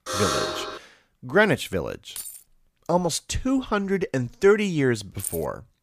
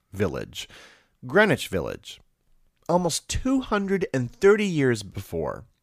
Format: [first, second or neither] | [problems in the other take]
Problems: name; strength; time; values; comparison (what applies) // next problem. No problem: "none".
second | alarm; noticeable; at the start; peak level with the speech // jangling keys; faint; at 2 s; peak 10 dB below the speech // jangling keys; noticeable; at 5 s; peak 8 dB below the speech